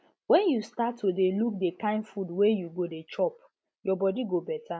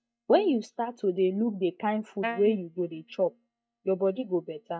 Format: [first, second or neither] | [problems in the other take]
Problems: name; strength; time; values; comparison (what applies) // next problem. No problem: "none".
first | noise reduction (neural mask model DeepFilterNet 3)